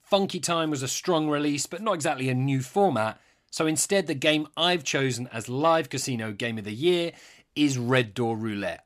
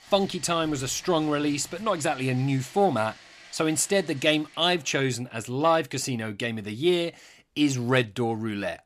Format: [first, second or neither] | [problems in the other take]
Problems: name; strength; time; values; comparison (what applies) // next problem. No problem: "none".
first | household noises; faint; until 4.5 s; 20 dB below the speech